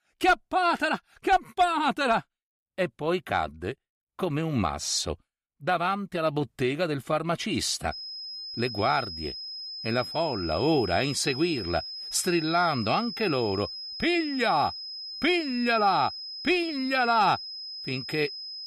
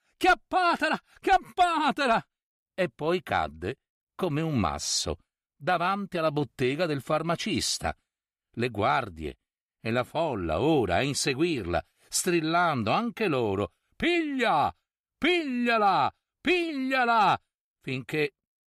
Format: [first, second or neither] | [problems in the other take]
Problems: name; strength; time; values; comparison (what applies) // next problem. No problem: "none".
second | high-pitched whine; loud; from 8 s on; 5 kHz, 8 dB below the speech